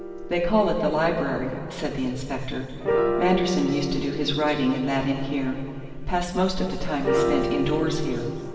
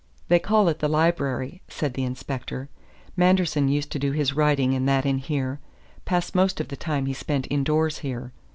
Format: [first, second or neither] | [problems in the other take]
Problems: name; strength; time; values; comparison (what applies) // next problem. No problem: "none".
second | background sound (Piano); 5 dB below the speech // room echo; dies away in 2.4 s